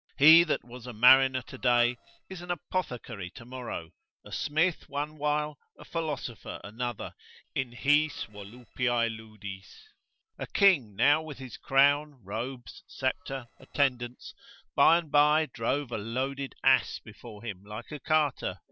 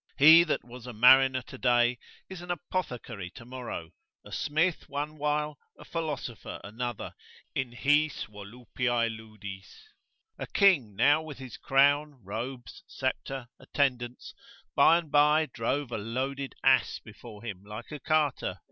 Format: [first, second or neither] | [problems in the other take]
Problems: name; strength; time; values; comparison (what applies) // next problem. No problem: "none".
second | noise reduction (neural separator model SepFormer DNS4)